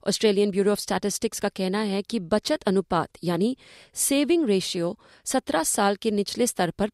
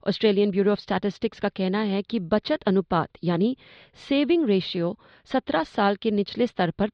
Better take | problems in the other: first | muffled; slightly; fading above 4 kHz

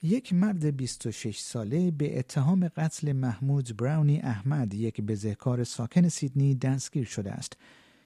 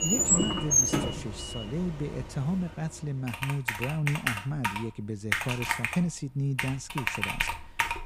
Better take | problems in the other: first | household noises; very loud; throughout; 5 dB above the speech

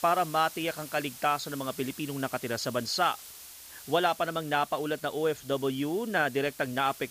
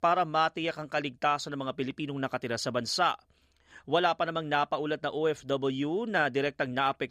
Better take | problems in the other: second | hiss; noticeable; throughout; 15 dB below the speech

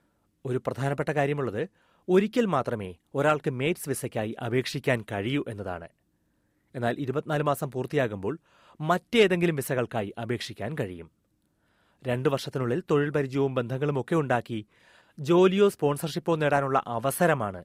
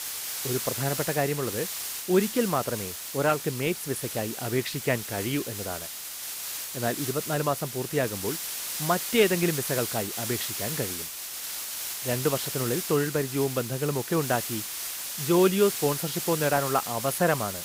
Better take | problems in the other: first | hiss; loud; throughout; 4 dB below the speech

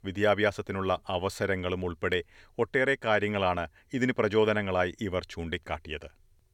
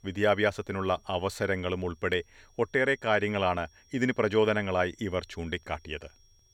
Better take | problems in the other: first | high-pitched whine; faint; throughout; 5.5 kHz, 35 dB below the speech

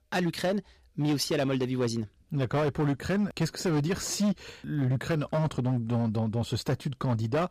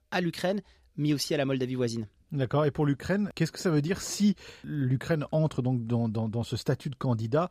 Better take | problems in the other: second | distortion; slight; 12% of the sound clipped

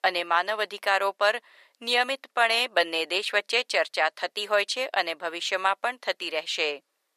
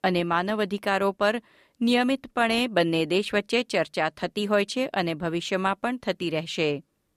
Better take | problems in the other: second | thin; very; fading below 550 Hz

